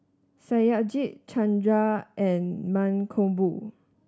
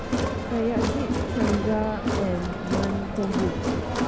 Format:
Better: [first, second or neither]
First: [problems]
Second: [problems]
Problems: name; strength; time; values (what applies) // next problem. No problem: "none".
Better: first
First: none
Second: background sound (Crowd); 2 dB above the speech